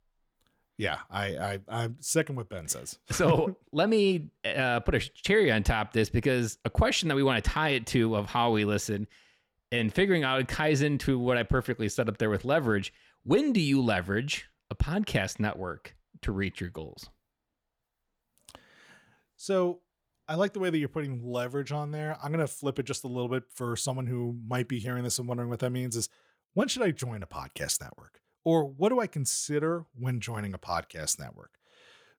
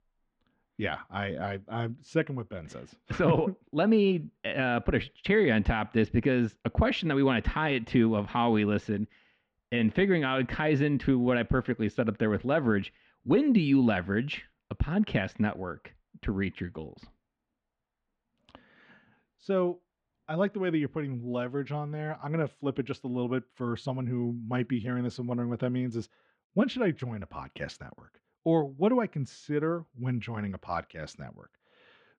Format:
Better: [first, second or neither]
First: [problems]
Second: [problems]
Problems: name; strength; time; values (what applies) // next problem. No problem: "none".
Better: first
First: none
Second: muffled; very; fading above 3 kHz